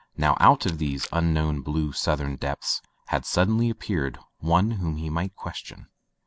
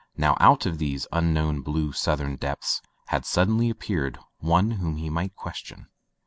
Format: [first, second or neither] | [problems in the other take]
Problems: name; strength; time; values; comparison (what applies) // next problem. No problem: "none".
second | background sound (Rattle); 17 dB below the speech